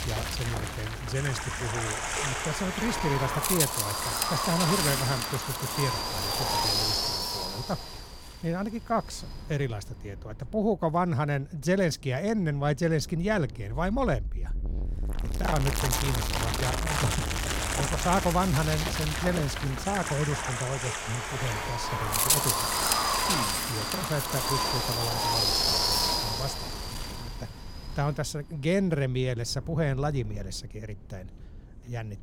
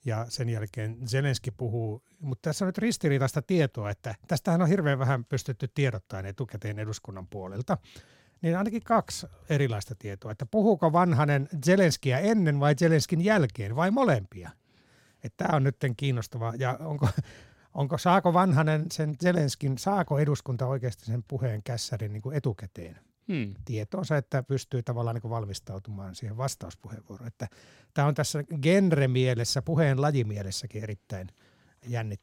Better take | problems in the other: second | wind noise on the microphone; heavy; 5 dB above the speech

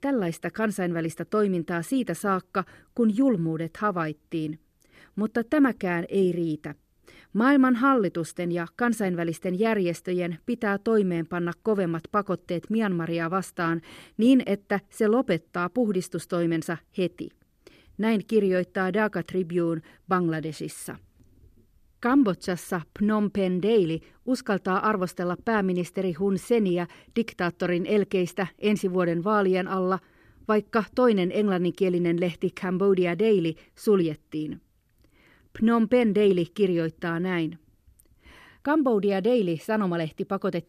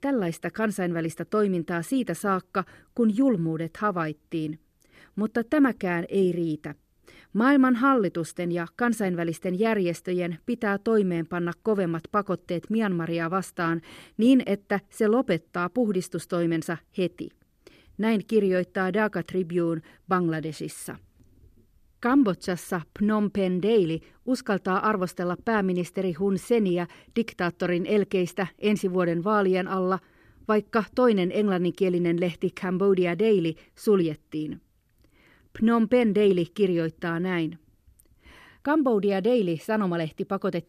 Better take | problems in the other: neither | none

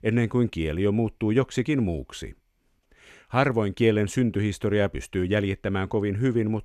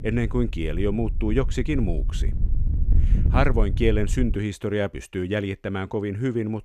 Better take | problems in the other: first | wind noise on the microphone; occasional gusts; until 4.5 s; 15 dB below the speech

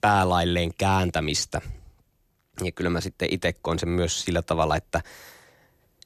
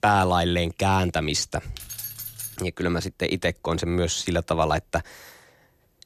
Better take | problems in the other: first | jangling keys; noticeable; at 2 s; peak 8 dB below the speech

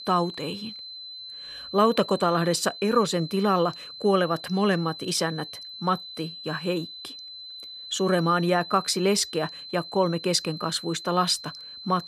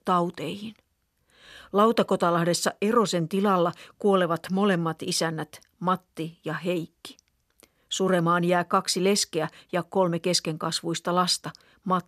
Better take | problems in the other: second | high-pitched whine; noticeable; throughout; 4 kHz, 10 dB below the speech

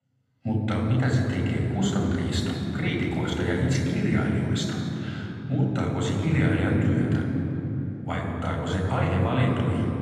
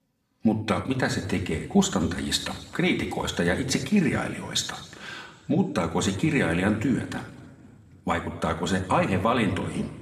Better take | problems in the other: second | room echo; strong; dies away in 3 s; slight in the second // off-mic speech; far

